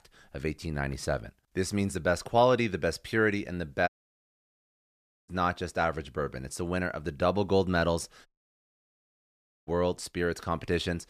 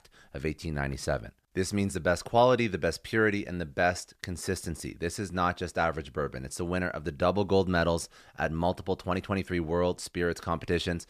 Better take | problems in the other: second | audio cutting out; at 4 s for 1.5 s and at 8.5 s for 1.5 s

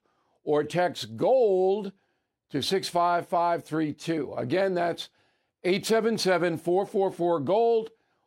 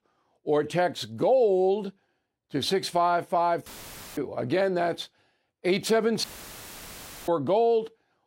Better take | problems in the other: first | audio cutting out; filled with static; at 3.5 s for 0.5 s and at 6 s for 1 s

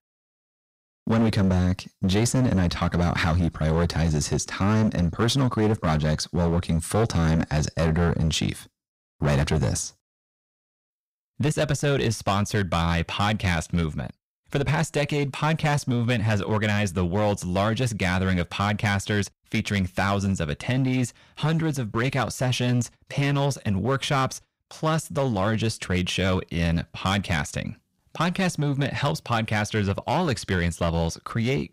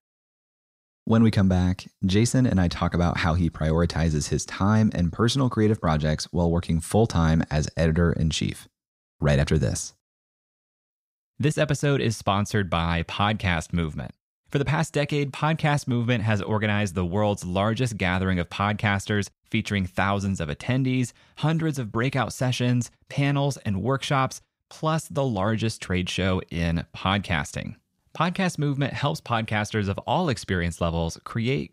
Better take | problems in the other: second | distortion; slight; 12% of the sound clipped

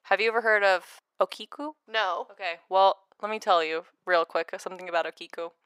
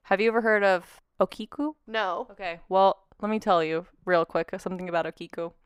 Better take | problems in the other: second | thin; somewhat; fading below 500 Hz

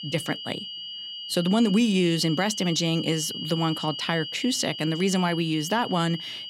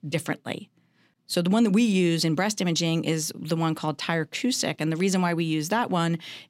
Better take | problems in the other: second | high-pitched whine; loud; throughout; 3 kHz, 8 dB below the speech

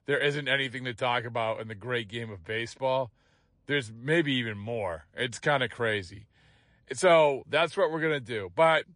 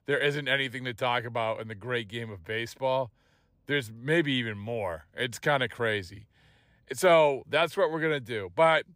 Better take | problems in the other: second | garbled, watery; slightly; nothing above 10 kHz

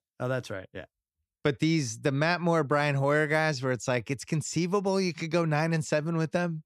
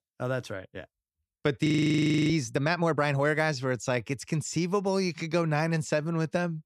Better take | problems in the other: first | audio freezing; at 1.5 s for 0.5 s

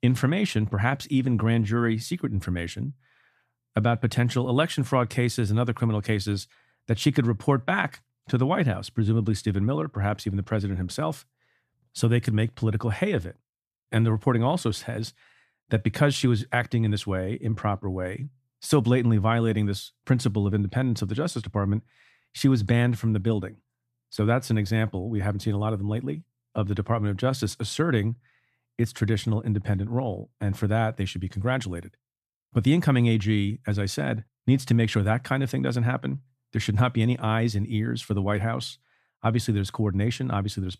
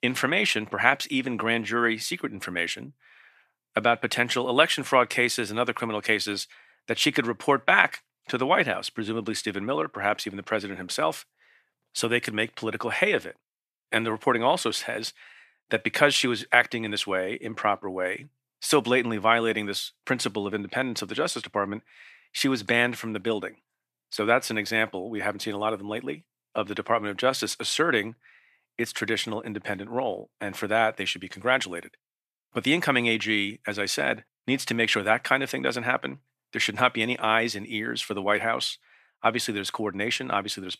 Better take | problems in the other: first | thin; somewhat; fading below 400 Hz

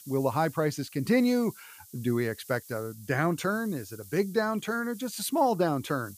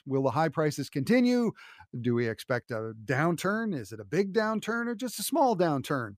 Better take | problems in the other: second | hiss; noticeable; throughout; 20 dB below the speech

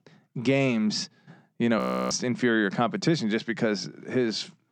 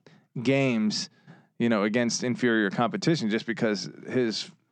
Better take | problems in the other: second | audio freezing; at 2 s

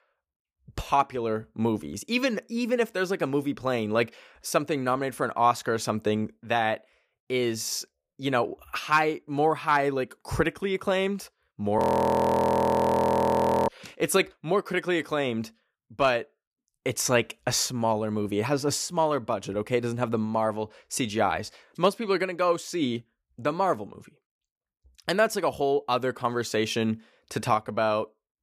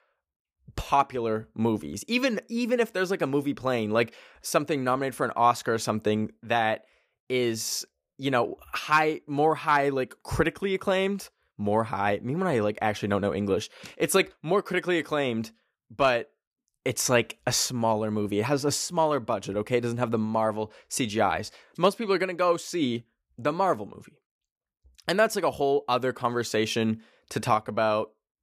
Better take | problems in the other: second | audio freezing; at 12 s for 2 s

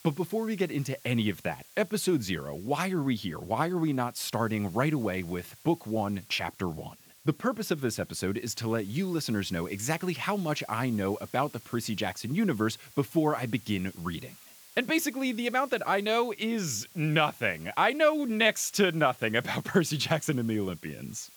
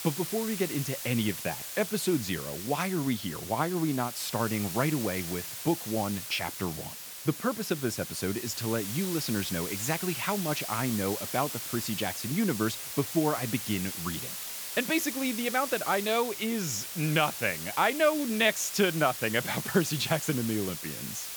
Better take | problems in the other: first | hiss; loud; throughout; 6 dB below the speech; faint in the first

